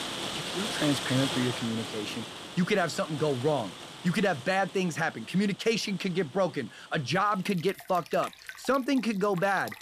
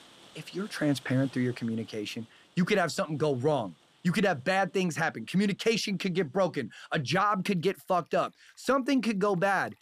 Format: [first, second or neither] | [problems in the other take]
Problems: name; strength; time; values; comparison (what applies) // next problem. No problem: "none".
second | rain or running water; loud; throughout; 8 dB below the speech; faint in the second